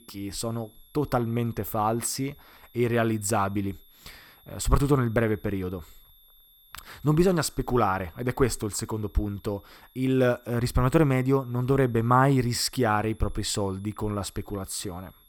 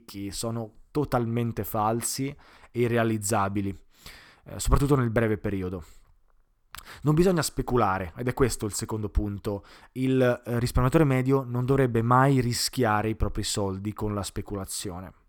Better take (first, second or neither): second